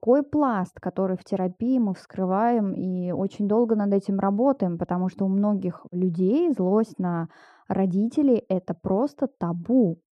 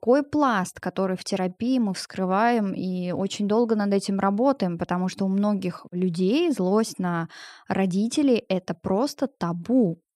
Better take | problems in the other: second | muffled; very; fading above 1.5 kHz

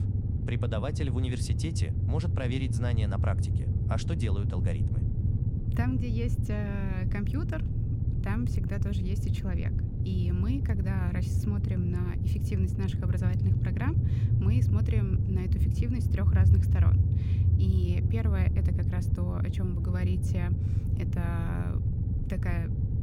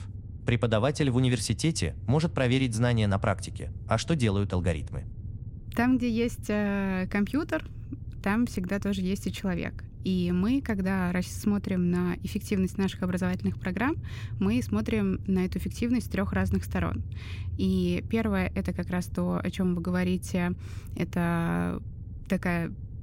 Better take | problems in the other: second | low rumble; loud; throughout; 1 dB below the speech; faint in the second

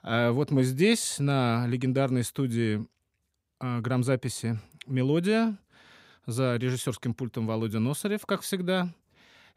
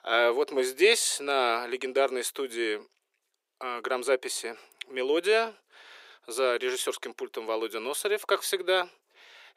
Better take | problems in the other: first | thin; very; fading below 350 Hz

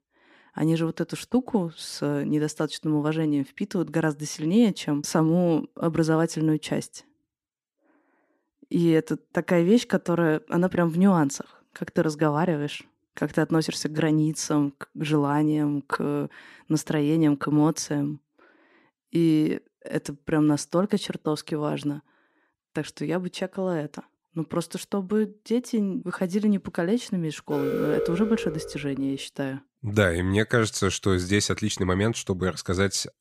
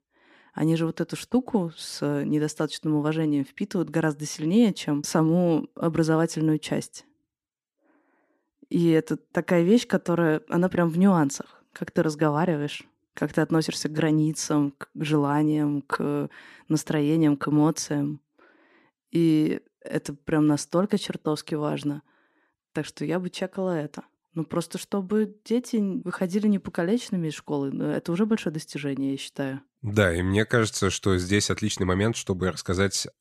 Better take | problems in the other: second | alarm; noticeable; from 28 to 29 s; peak 2 dB below the speech

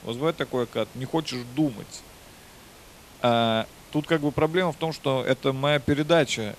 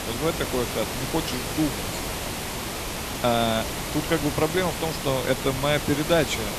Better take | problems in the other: first | hiss; loud; throughout; 4 dB below the speech; faint in the first

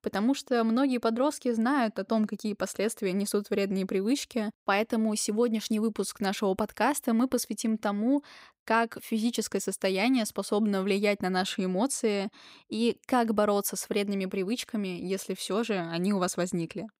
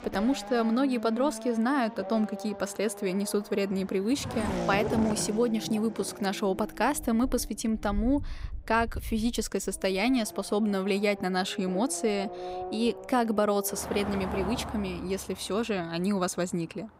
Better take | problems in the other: first | traffic noise; noticeable; throughout; 10 dB below the speech

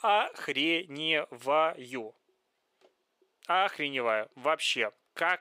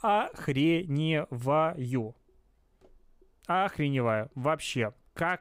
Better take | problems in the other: second | thin; somewhat; fading below 450 Hz

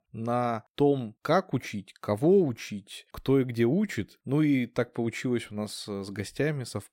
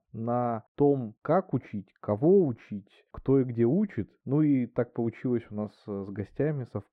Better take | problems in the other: first | muffled; very; fading above 3 kHz

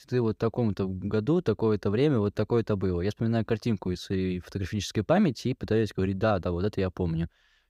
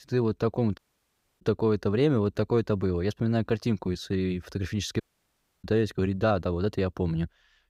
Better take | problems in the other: first | audio cutting out; at 1 s for 0.5 s and at 5 s for 0.5 s

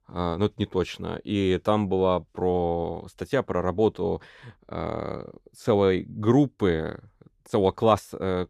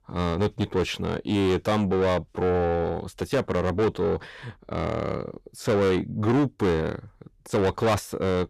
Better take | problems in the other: first | distortion; heavy; 7 dB below the speech

